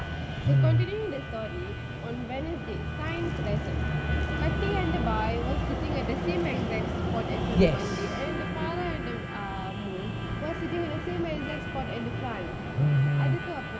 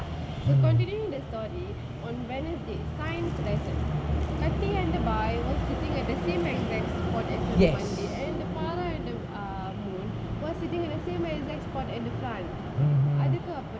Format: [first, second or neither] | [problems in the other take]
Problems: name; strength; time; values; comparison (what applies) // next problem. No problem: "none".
second | background sound (Harmonica); 14 dB below the speech